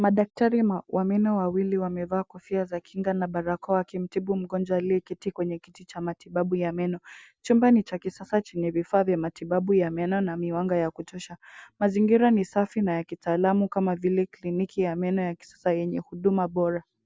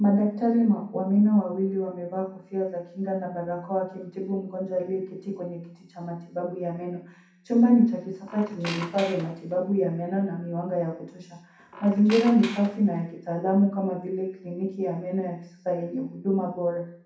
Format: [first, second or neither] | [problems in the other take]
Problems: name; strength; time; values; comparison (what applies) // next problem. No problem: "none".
first | background sound (Squeak); 13 dB below the speech // room echo; dies away in 0.6 s